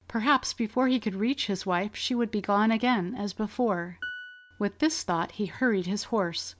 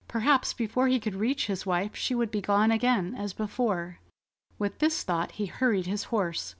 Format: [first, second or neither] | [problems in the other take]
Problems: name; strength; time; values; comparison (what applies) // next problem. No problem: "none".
second | background sound (Piano); 15 dB below the speech